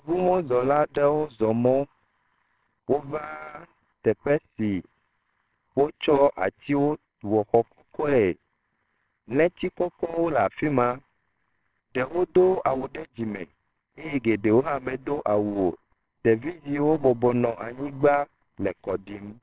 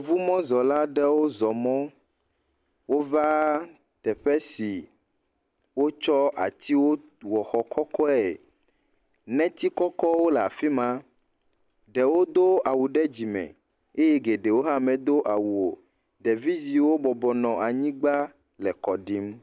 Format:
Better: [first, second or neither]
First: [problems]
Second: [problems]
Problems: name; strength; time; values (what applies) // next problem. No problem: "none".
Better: second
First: noise reduction (neural separator model SepFormer WHAMR!)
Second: none